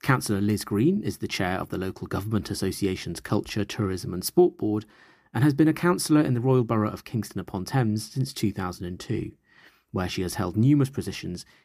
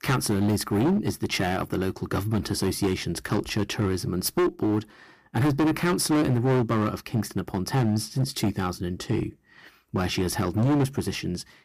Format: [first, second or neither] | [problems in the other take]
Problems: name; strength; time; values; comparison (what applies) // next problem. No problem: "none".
first | distortion; heavy; 13% of the sound clipped